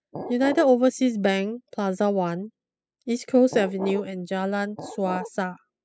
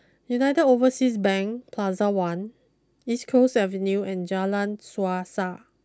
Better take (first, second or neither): second